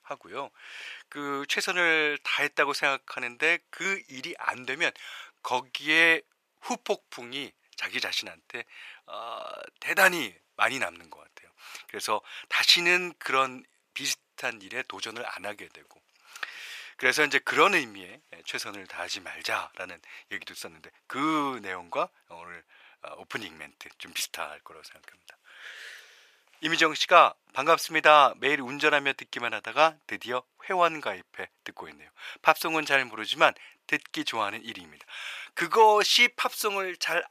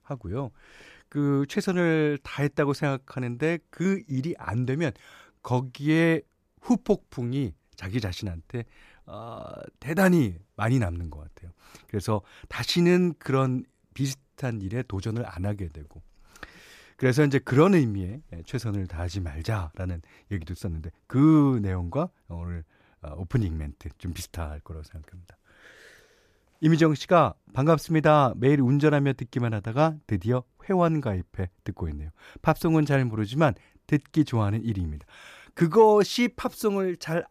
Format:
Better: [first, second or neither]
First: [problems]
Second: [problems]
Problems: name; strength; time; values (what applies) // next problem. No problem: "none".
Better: second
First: thin; very; fading below 800 Hz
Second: none